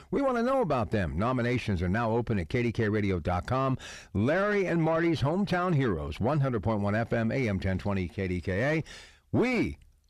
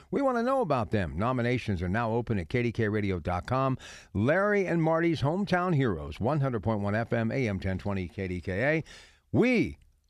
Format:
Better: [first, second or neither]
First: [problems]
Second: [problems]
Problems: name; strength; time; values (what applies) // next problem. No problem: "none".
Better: second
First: distortion; slight; 9 dB below the speech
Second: none